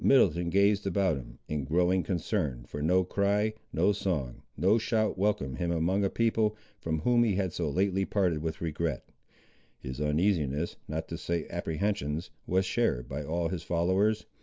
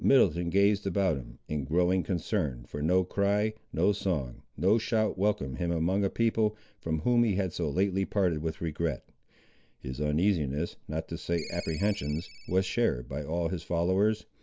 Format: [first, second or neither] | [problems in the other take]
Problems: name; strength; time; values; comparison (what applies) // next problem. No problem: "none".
first | background sound (Ringtone); 14 dB below the speech